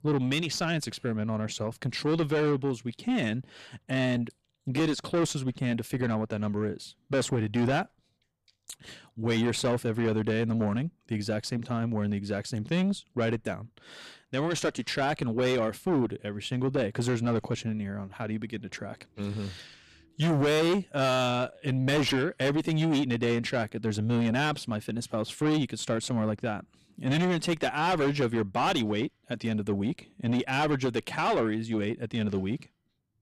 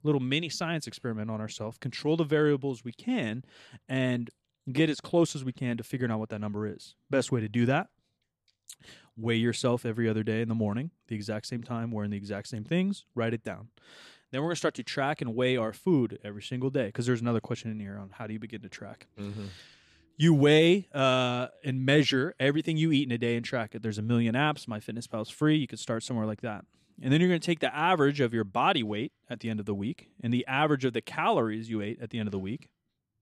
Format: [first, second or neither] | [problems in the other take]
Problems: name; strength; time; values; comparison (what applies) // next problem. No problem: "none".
second | distortion; heavy; 7 dB below the speech